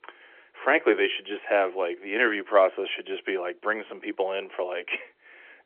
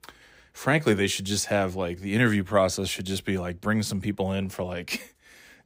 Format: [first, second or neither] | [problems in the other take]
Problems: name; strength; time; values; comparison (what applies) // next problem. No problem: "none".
second | phone-call audio; nothing above 3 kHz